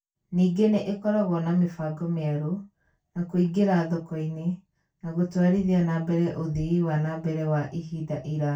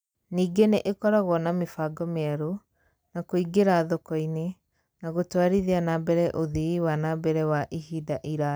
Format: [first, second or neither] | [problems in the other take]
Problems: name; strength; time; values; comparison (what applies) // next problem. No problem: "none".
second | room echo; dies away in 0.2 s